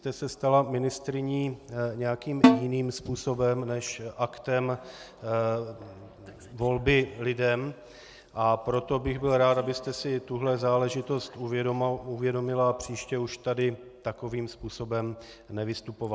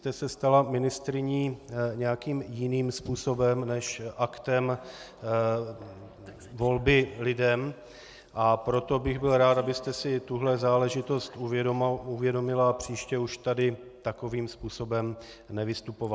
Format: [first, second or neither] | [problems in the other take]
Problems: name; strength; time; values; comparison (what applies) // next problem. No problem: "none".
second | background sound (Snare drum); 4 dB above the speech